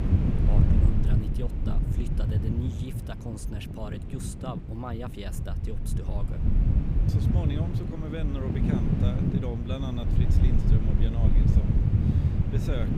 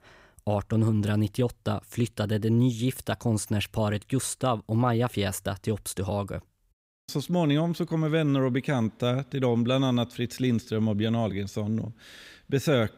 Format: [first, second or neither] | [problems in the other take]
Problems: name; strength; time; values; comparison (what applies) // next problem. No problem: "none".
second | wind noise on the microphone; heavy; 3 dB above the speech